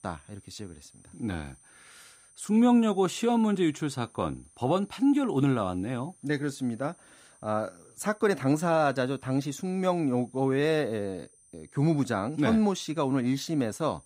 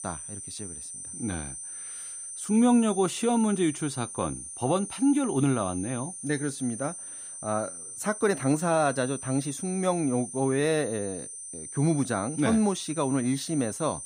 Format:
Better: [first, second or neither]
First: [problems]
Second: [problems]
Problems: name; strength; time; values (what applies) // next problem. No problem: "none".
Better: first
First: high-pitched whine; faint; throughout; 9 kHz, 30 dB below the speech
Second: high-pitched whine; loud; throughout; 9 kHz, 9 dB below the speech